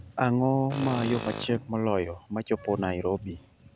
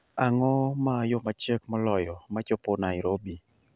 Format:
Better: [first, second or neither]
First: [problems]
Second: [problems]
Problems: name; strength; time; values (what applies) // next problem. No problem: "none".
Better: second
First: background sound (Bicycle + Tools); 13 dB below the speech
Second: none